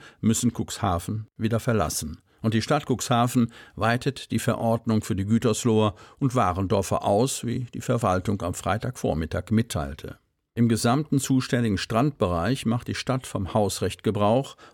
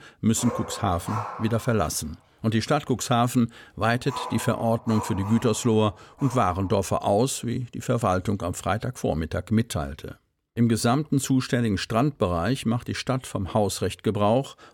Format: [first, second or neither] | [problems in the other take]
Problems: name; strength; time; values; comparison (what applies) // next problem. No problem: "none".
first | animal sounds; noticeable; until 7 s; 10 dB below the speech